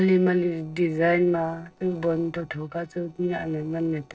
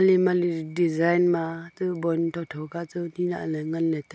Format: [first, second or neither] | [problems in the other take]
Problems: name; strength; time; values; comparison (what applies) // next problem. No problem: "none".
second | noise reduction (neural separator model SepFormer DNS4)